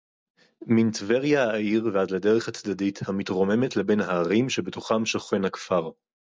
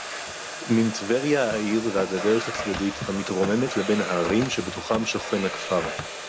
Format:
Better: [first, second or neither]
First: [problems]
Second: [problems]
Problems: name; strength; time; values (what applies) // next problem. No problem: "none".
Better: first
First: none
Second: background sound (Domestic sounds, home sounds); 8 dB below the speech